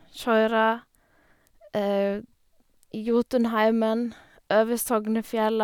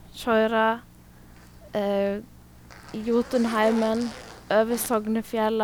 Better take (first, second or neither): first